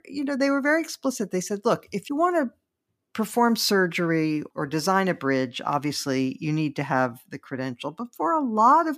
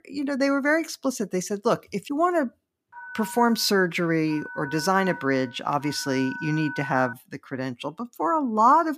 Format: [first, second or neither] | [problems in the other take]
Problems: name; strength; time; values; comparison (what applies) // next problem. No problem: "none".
first | phone ringing; noticeable; from 3 to 7 s; peak 9 dB below the speech